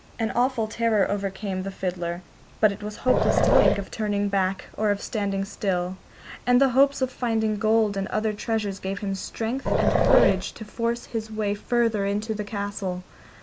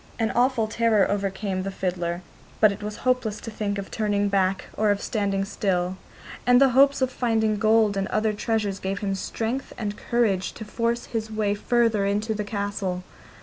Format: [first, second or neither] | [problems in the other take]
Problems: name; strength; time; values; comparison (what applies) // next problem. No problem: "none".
second | background sound (Growling); 4 dB above the speech